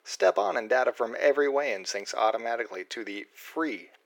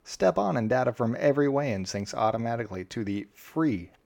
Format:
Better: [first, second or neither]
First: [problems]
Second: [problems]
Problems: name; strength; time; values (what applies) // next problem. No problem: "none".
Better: second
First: thin; very; fading below 400 Hz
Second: none